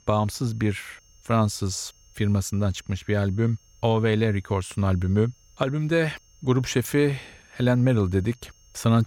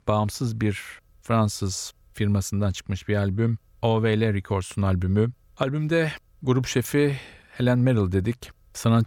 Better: second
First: high-pitched whine; faint; throughout; 6.5 kHz, 30 dB below the speech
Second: none

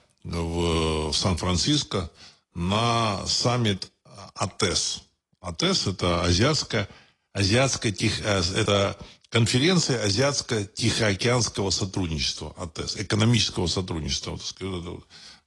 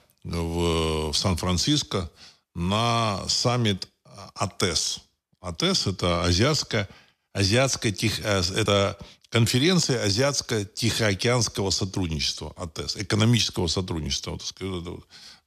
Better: second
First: garbled, watery; slightly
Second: none

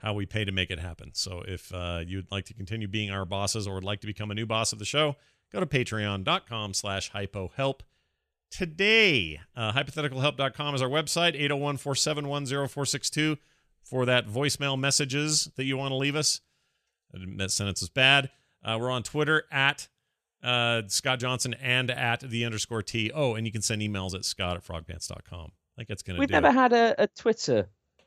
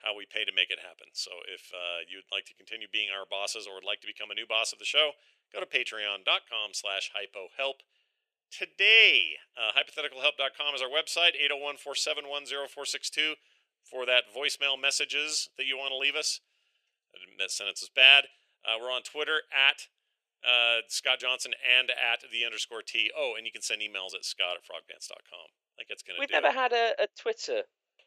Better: first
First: none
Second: thin; very; fading below 400 Hz

